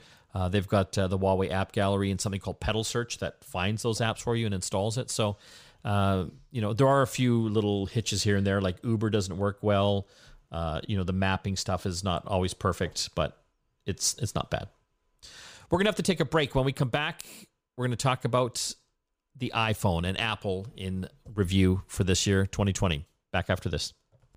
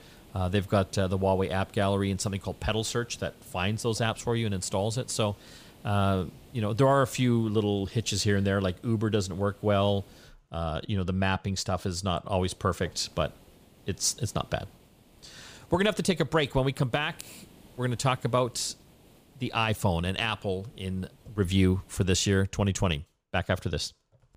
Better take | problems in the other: first | hiss; faint; until 10 s and from 12 to 22 s; 25 dB below the speech

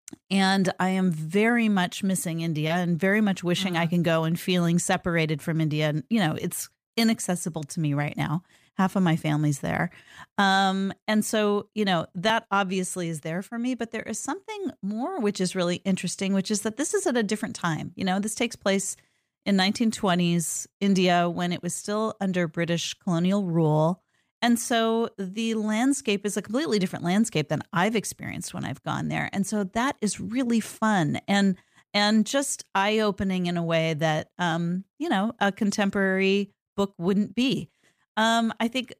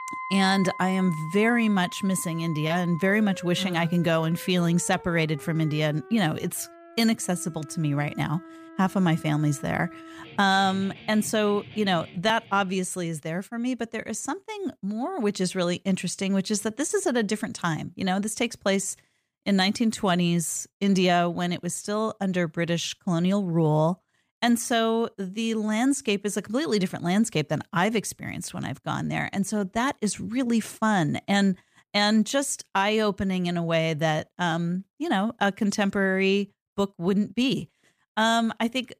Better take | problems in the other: first | background music; noticeable; until 12 s; 15 dB below the speech

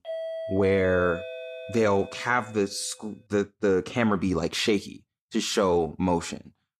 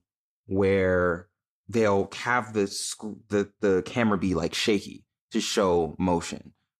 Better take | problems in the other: second | doorbell; noticeable; until 2.5 s; peak 7 dB below the speech

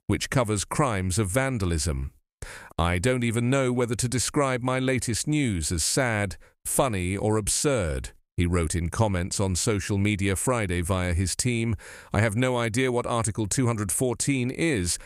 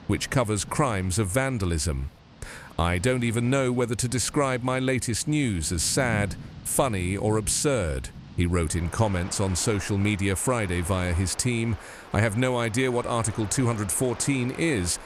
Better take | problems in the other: first | rain or running water; noticeable; throughout; 15 dB below the speech

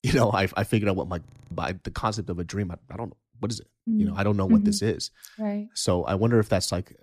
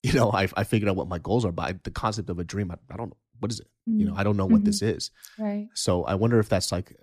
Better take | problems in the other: second | audio freezing; at 1.5 s

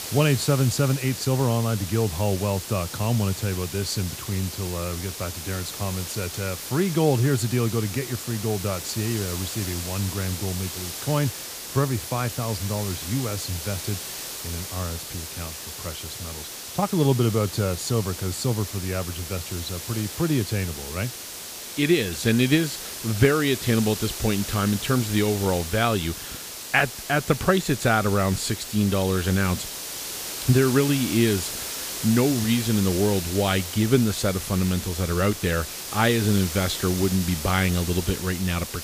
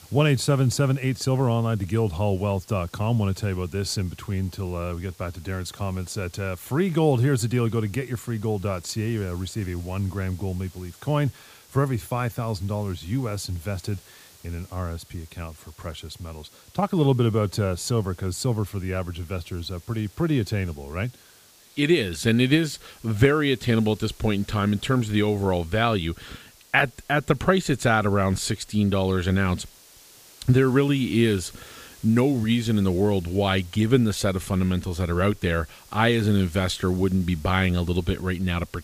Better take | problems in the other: second | hiss; loud; throughout; 7 dB below the speech; faint in the second

